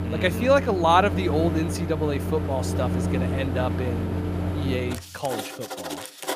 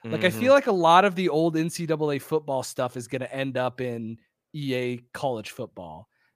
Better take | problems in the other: second | household noises; loud; throughout; 3 dB below the speech

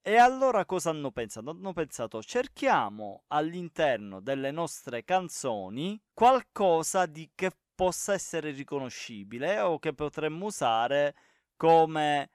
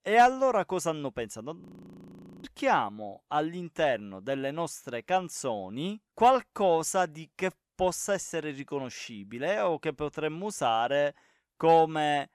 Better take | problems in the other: first | audio freezing; at 1.5 s for 1 s

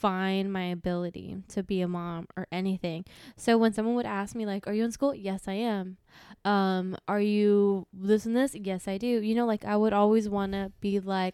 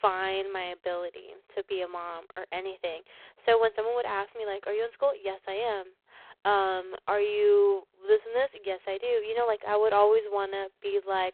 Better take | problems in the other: first | phone-call audio; poor line

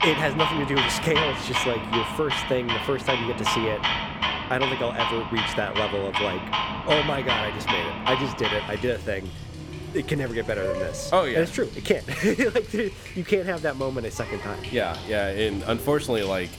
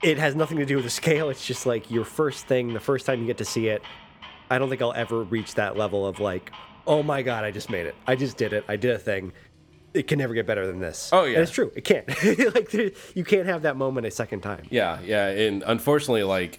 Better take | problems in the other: second | household noises; loud; throughout; as loud as the speech; faint in the second

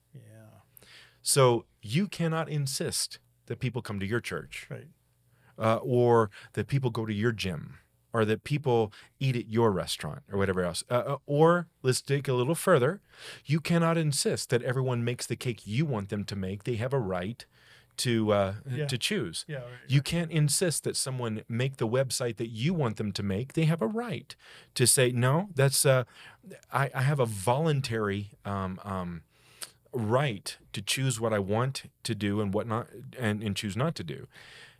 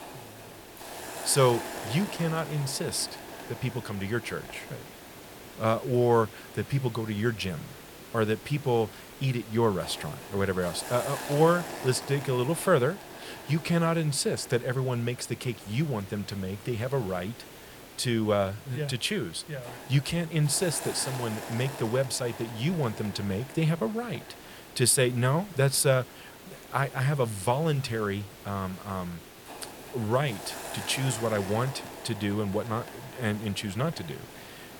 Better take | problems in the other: first | hiss; noticeable; throughout; 15 dB below the speech

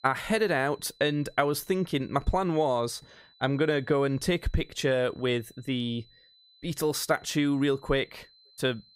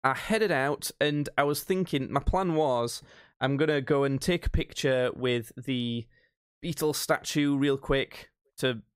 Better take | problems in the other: second | high-pitched whine; faint; throughout; 4 kHz, 30 dB below the speech

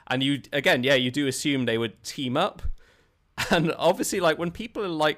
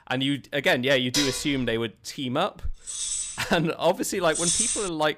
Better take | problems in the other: first | clattering dishes; noticeable; at 1 s; peak level with the speech // jangling keys; noticeable; at 3 s; peak 2 dB below the speech // jangling keys; loud; at 4.5 s; peak 4 dB above the speech

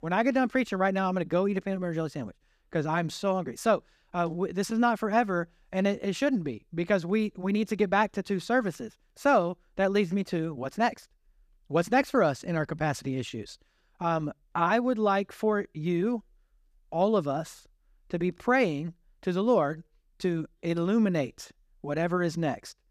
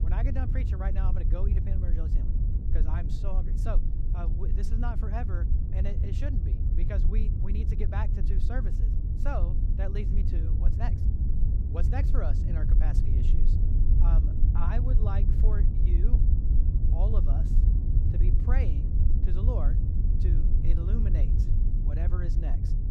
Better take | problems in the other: first | low rumble; loud; throughout; 2 dB below the speech

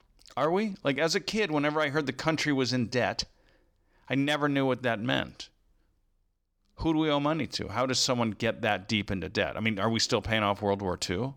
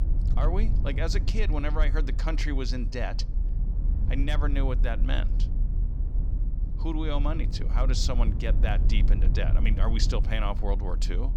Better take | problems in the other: first | low rumble; noticeable; throughout; 10 dB below the speech

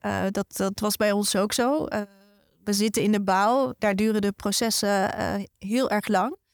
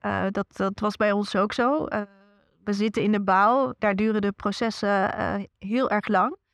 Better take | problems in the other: first | muffled; slightly; fading above 2.5 kHz

